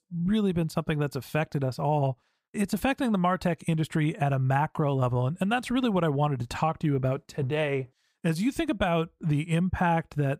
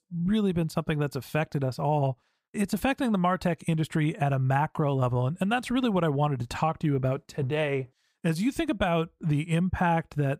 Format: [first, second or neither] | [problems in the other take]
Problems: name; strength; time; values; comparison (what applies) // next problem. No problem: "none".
neither | none